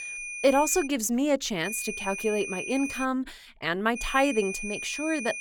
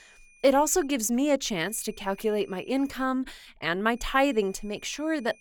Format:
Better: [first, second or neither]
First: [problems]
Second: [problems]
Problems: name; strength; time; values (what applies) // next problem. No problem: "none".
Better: second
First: high-pitched whine; loud; at the start, from 1.5 to 3 s and from 4 s on; 2.5 kHz, 7 dB below the speech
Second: high-pitched whine; faint; at the start, from 1.5 to 3 s and from 4 s on; 2.5 kHz, 30 dB below the speech